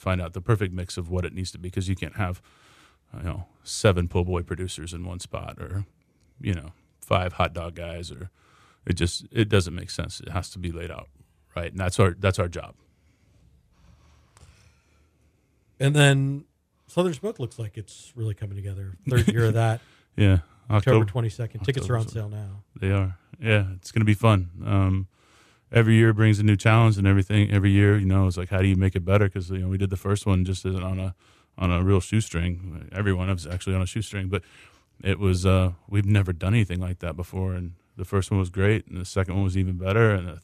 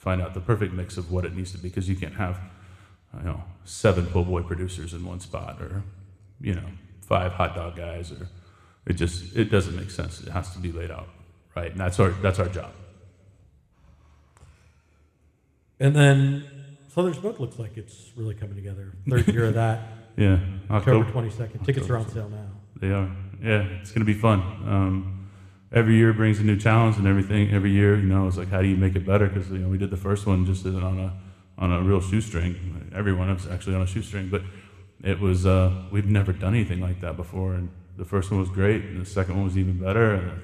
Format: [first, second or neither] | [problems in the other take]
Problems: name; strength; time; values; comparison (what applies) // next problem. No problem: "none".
first | room echo; very slight; dies away in 1.2 s